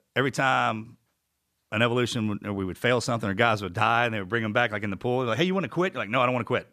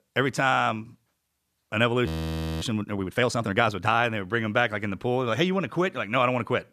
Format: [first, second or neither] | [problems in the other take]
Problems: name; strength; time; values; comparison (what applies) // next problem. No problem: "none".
first | audio freezing; at 2 s for 0.5 s